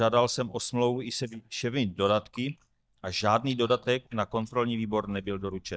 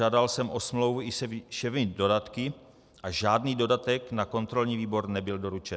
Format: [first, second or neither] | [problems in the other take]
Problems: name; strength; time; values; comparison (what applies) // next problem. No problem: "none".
second | noise reduction (neural mask model DeepFilterNet 3)